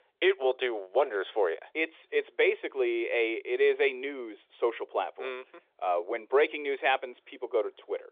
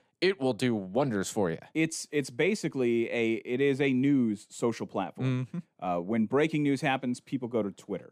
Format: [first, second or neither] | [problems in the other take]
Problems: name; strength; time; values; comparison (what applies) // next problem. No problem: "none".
second | phone-call audio; nothing above 3.5 kHz